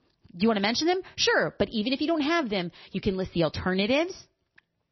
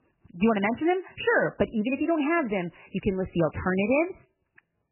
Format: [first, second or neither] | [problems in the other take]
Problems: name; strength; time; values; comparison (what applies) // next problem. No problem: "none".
first | garbled, watery; badly; nothing above 3 kHz; slightly in the first